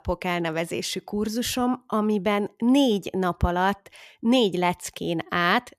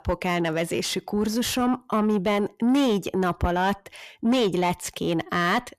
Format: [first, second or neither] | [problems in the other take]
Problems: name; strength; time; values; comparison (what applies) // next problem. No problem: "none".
first | distortion; slight; 10 dB below the speech